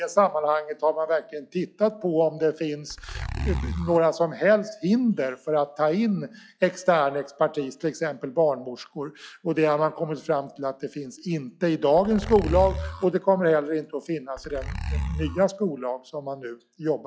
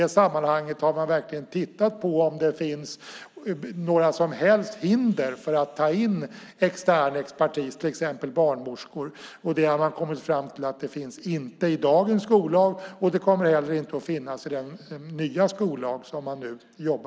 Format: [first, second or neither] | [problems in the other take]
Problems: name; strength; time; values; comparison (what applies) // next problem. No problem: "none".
second | noise reduction (classical method log-MMSE)